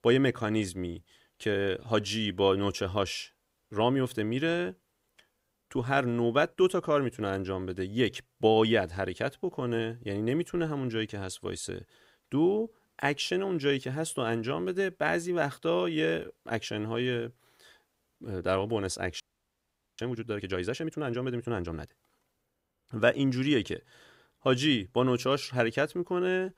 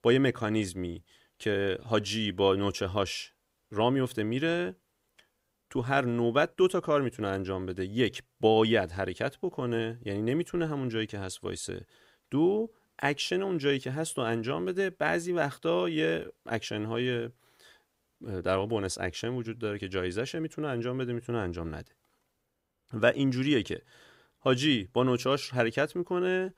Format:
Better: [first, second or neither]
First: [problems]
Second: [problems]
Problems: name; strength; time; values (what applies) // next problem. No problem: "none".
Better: second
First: audio freezing; at 19 s for 1 s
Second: none